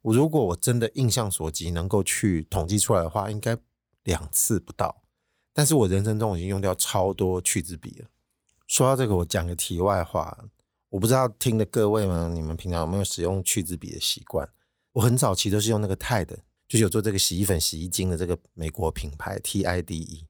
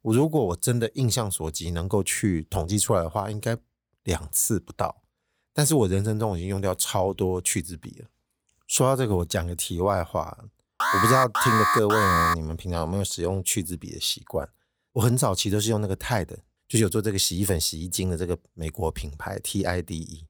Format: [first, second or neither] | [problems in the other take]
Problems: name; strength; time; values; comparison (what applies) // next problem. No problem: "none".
first | alarm; loud; from 11 to 12 s; peak 5 dB above the speech